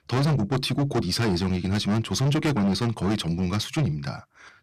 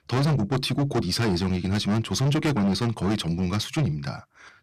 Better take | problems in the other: neither | distortion; heavy; 7 dB below the speech; the same in both

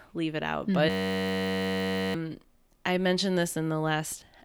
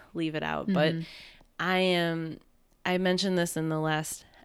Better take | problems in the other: second | audio freezing; at 1 s for 1.5 s

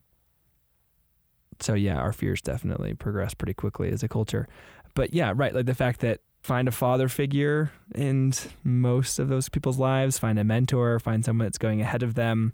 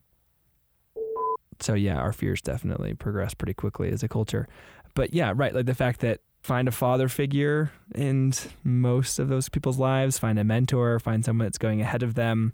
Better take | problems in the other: first | alarm; noticeable; at 1 s; peak 3 dB below the speech

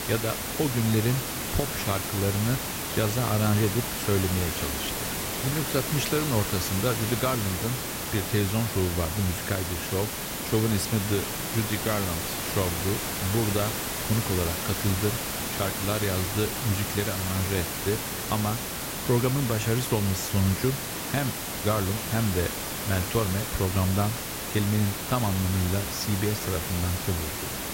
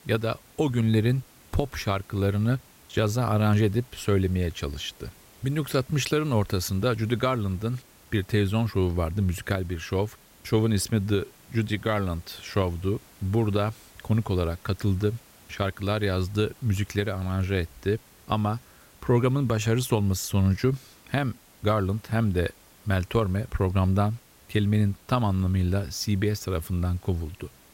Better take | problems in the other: second | hiss; loud; throughout; 1 dB below the speech; faint in the second

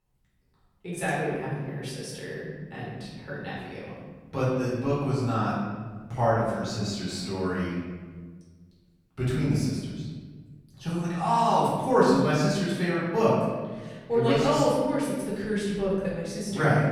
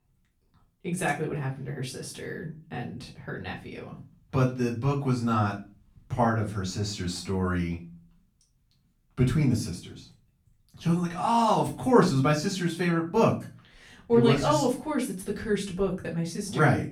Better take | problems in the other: second | room echo; strong; dies away in 1.4 s; slight in the second // off-mic speech; far; far in the second

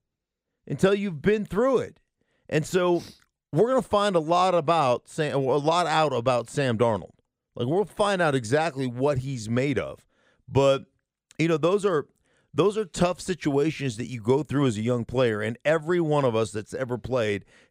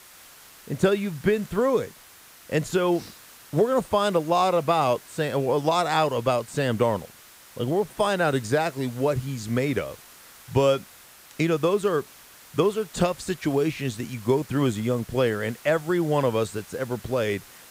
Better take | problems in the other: first | hiss; faint; throughout; 20 dB below the speech

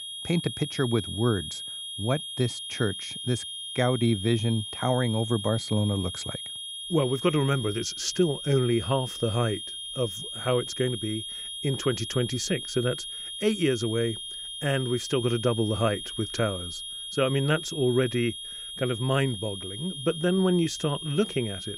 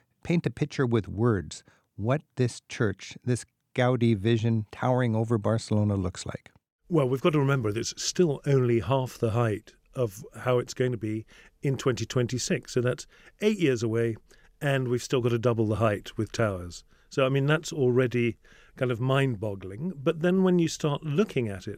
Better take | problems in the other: second | high-pitched whine; loud; throughout; 3.5 kHz, 7 dB below the speech

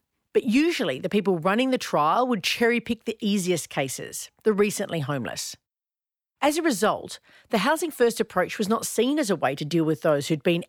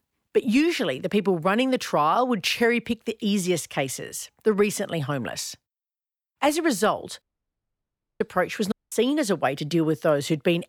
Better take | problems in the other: first | audio cutting out; at 7 s for 1 s and at 8.5 s

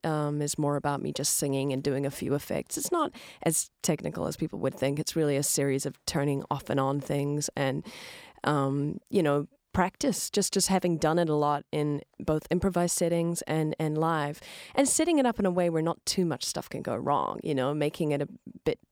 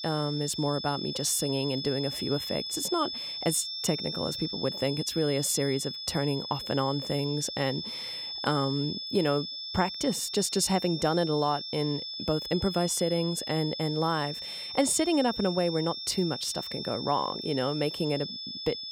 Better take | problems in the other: first | high-pitched whine; loud; throughout; 5.5 kHz, 5 dB below the speech

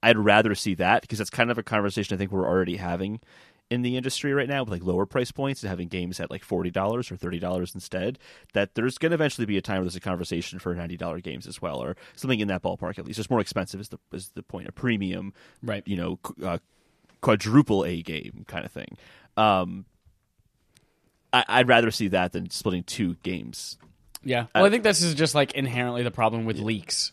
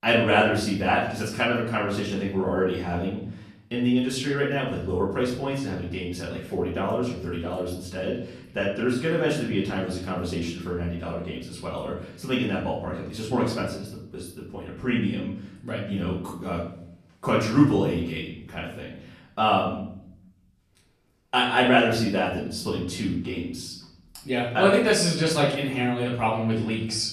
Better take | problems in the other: first | room echo; noticeable; dies away in 0.6 s // off-mic speech; far

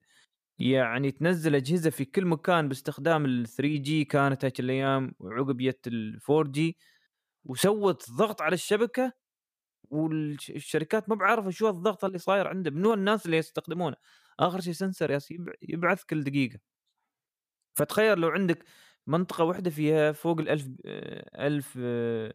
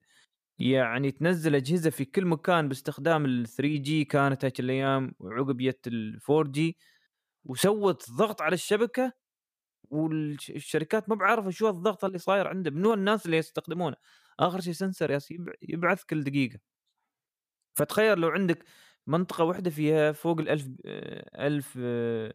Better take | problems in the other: neither | none

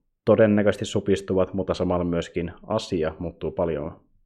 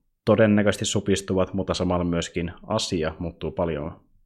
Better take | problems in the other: second | muffled; slightly; fading above 3.5 kHz

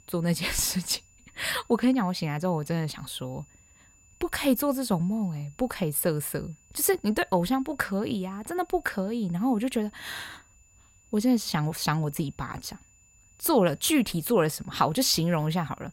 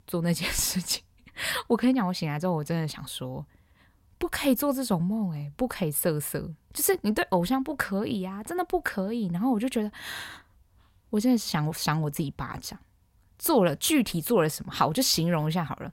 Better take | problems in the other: second | high-pitched whine; faint; throughout; 7 kHz, 30 dB below the speech

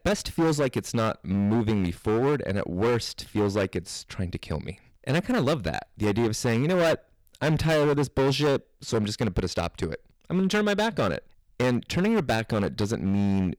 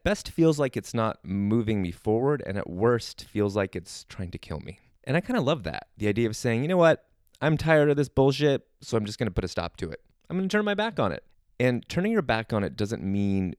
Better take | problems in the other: second | distortion; heavy; 15% of the sound clipped

